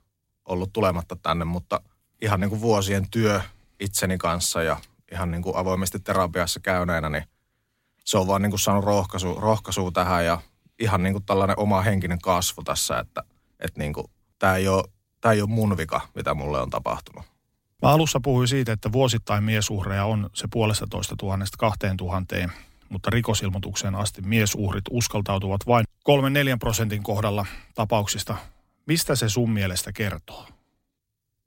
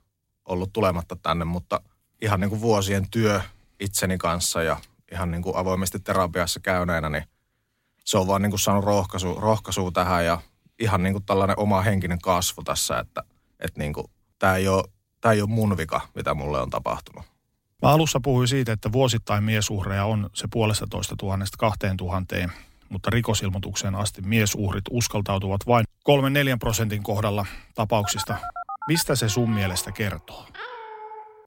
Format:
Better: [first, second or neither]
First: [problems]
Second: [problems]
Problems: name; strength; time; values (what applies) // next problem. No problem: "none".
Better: first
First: none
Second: phone ringing; noticeable; from 28 s on; peak 9 dB below the speech